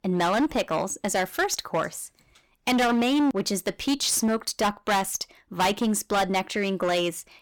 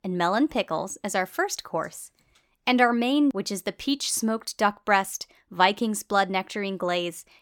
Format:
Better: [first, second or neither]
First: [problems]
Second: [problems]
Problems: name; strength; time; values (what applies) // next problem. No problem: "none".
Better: second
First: distortion; heavy; 14% of the sound clipped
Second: none